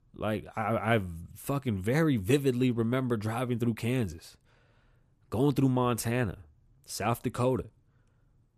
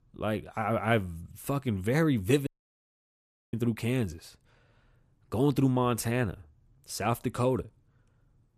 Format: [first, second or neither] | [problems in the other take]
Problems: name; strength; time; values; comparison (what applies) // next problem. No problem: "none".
first | audio cutting out; at 2.5 s for 1 s